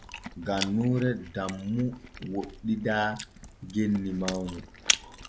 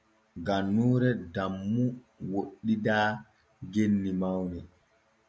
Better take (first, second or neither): second